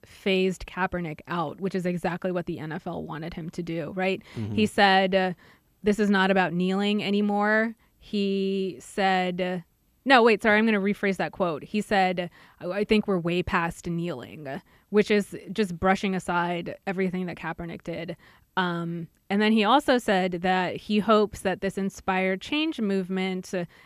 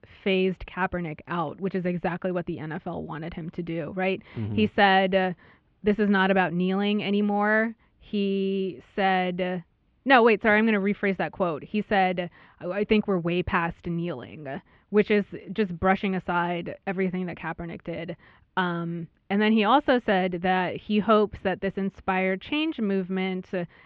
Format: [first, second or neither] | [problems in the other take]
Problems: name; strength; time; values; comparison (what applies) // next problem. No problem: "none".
first | muffled; slightly; fading above 3 kHz